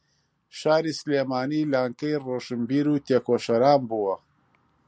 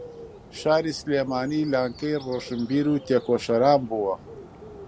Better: first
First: none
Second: background sound (Bird); 18 dB below the speech

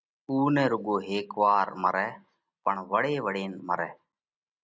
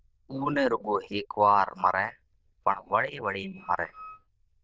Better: first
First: none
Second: noise reduction (neural diffusion model UNIVERSE++)

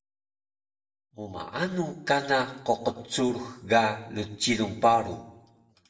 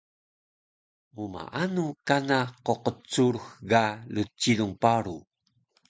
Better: second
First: room echo; dies away in 0.7 s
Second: none

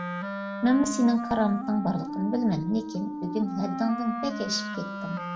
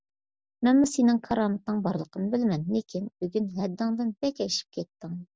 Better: second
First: background sound (Wind instrument, woodwind instrument); 6 dB below the speech // room echo; dies away in 0.4 s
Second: none

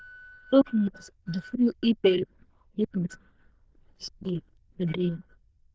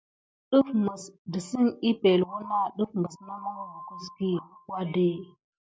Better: second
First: noise reduction (neural diffusion model UNIVERSE++)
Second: none

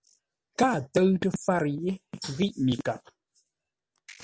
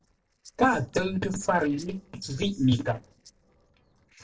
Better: first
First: none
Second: noise reduction (neural separator model SepFormer DNS4)

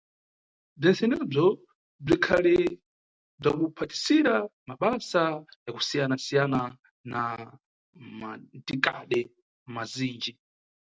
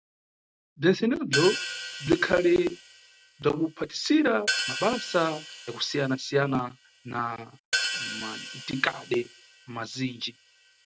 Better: first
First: none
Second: background sound (Hi-hat); 8 dB below the speech

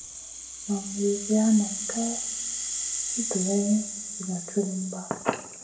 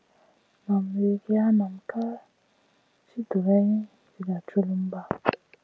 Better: second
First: background sound (Rattle (instrument)); 4 dB below the speech // room echo; dies away in 0.6 s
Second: none

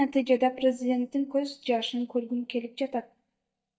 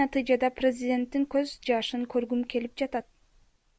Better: second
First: noise reduction (neural mask model DeepFilterNet 3)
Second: none

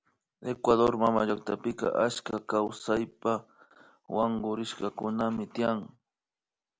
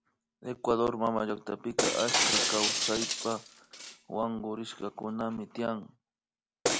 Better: first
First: none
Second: background sound (Shatter); as loud as the speech

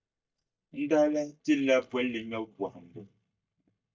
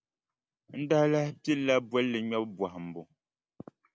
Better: second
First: noise reduction (neural mask model DeepFilterNet 3)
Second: none

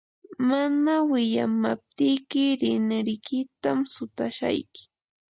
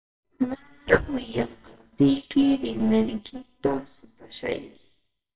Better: first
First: none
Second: noise reduction (neural separator model SepFormer WHAMR!)

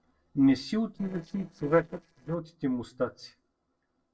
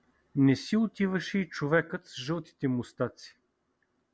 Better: second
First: noise reduction (neural separator model SepFormer DNS4)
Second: none

